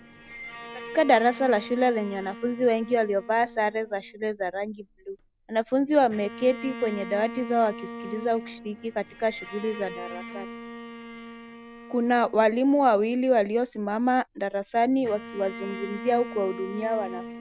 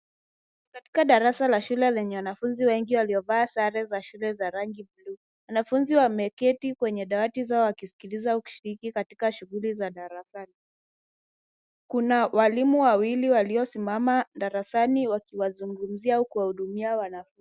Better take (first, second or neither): second